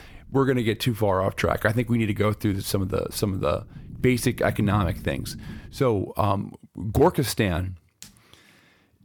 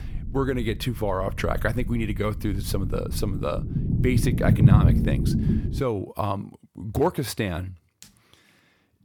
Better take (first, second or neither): first